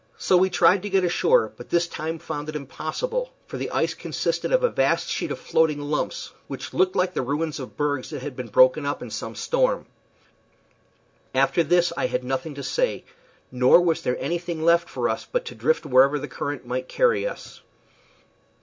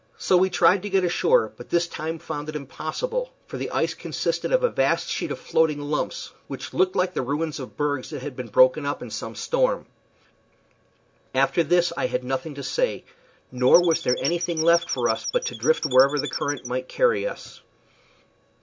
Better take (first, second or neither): first